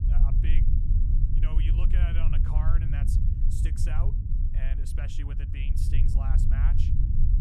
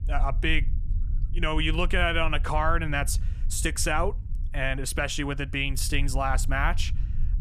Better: second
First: low rumble; loud; throughout; as loud as the speech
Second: low rumble; faint; throughout; 25 dB below the speech

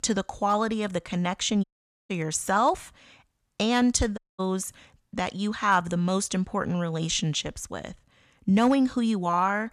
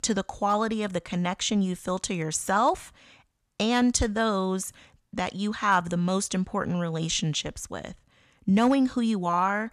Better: second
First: audio cutting out; at 1.5 s and at 4 s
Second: none

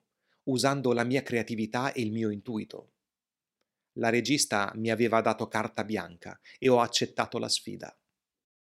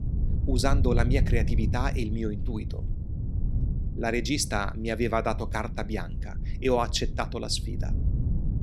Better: first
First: none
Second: wind noise on the microphone; occasional gusts; 15 dB below the speech

